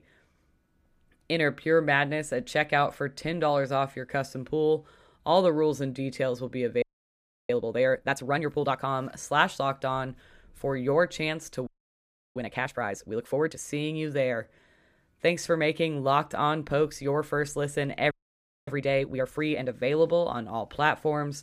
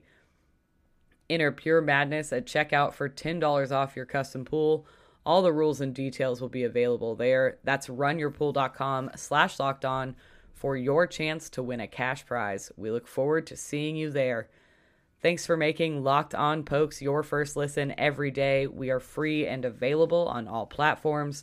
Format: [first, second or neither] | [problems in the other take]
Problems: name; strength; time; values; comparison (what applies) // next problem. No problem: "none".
second | audio freezing; at 7 s for 0.5 s, at 12 s for 0.5 s and at 18 s for 0.5 s